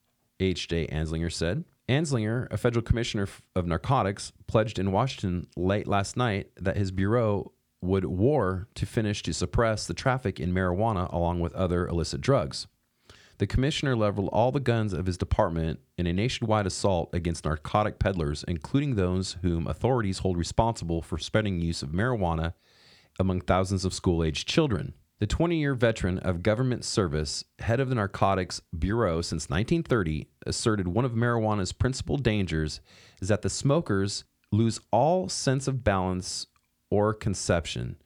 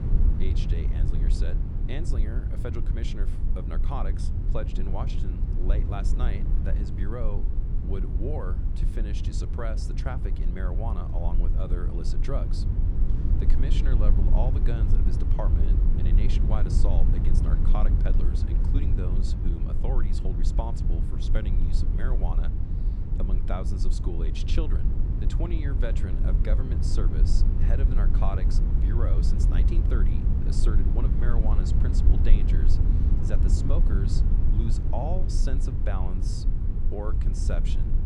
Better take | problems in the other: first | low rumble; loud; throughout; 3 dB below the speech

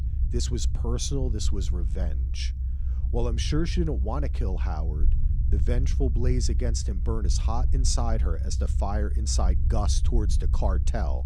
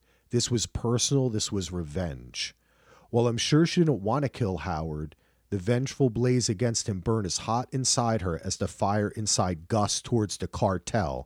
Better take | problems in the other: second | low rumble; noticeable; throughout; 10 dB below the speech

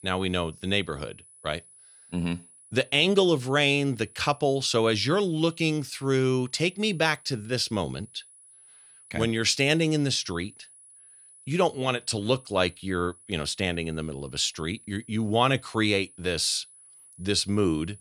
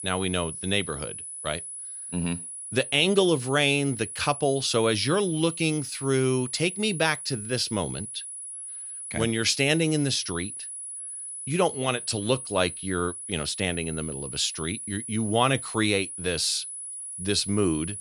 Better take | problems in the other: first | high-pitched whine; loud; throughout; 10 kHz, 8 dB below the speech; faint in the first

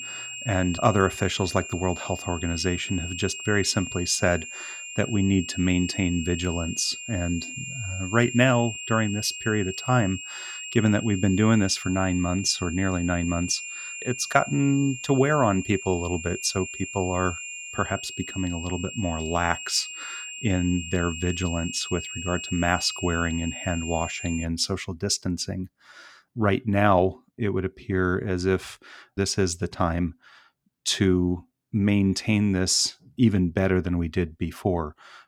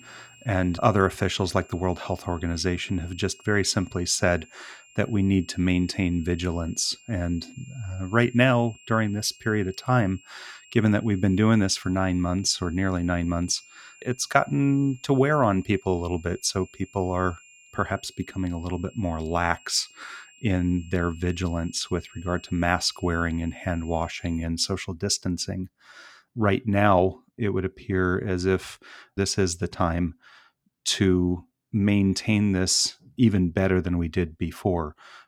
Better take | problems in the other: second | high-pitched whine; loud; until 24 s; 2.5 kHz, 9 dB below the speech; faint in the second

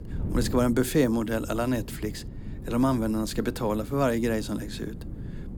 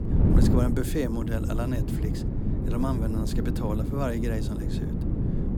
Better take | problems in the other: first | wind noise on the microphone; heavy; 2 dB below the speech; occasional gusts in the first

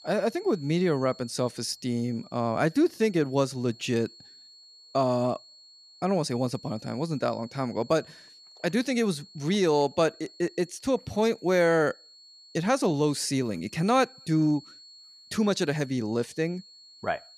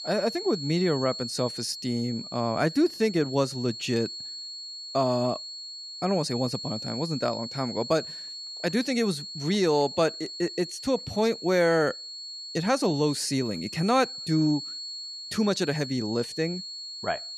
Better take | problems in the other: first | high-pitched whine; loud; throughout; 4.5 kHz, 9 dB below the speech; faint in the first

